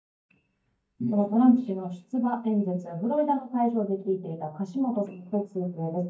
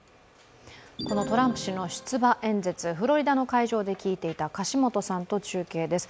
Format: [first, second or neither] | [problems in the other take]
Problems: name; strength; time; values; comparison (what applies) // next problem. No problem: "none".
second | noise reduction (neural mask model DeepFilterNet 3)